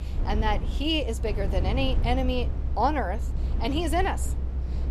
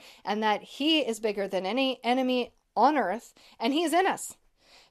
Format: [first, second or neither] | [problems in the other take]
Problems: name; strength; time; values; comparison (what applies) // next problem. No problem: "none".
second | low rumble; noticeable; throughout; 15 dB below the speech